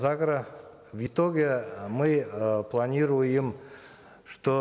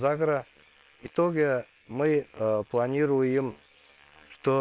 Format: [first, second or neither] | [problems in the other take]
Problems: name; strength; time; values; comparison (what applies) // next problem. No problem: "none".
first | noise reduction (neural separator model SepFormer WHAM!)